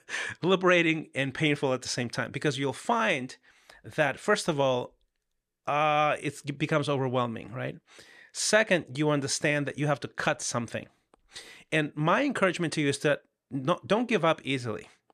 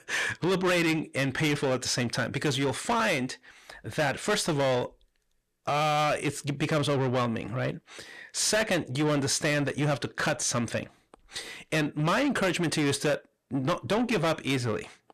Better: first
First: none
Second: distortion; heavy; 7 dB below the speech

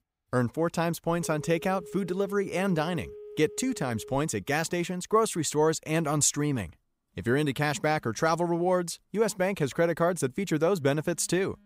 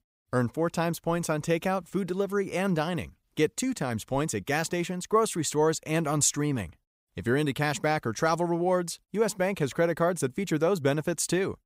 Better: second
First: alarms or sirens; noticeable; throughout; 20 dB below the speech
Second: none

